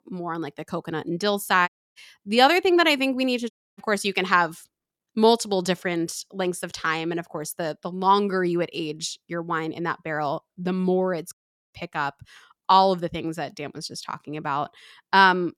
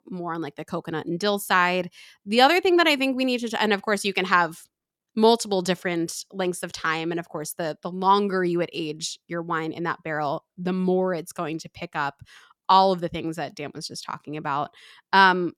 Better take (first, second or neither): second